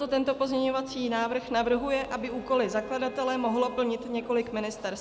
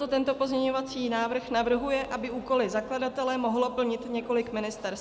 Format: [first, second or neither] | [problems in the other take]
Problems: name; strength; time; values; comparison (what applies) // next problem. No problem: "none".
second | background sound (Bowed string instrument); 18 dB below the speech